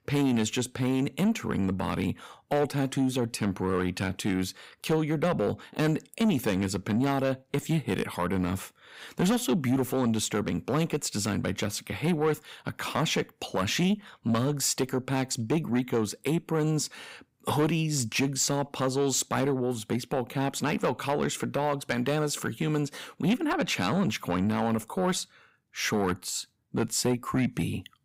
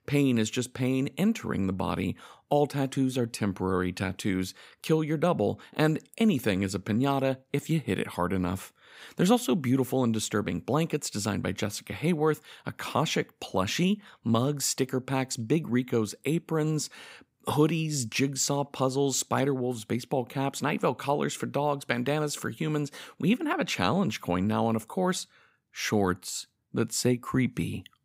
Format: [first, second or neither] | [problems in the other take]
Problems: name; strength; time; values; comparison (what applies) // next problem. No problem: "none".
second | distortion; slight; 10 dB below the speech